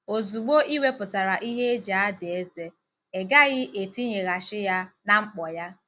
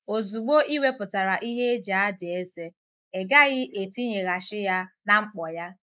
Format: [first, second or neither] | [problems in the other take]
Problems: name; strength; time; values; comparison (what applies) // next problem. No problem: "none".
first | noise reduction (neural mask model Resemble Enhance denoiser)